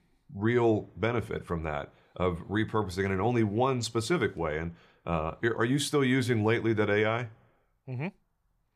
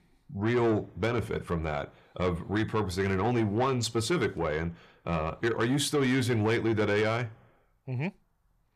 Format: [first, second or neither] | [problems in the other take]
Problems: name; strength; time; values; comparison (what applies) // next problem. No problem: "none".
first | distortion; slight; 10 dB below the speech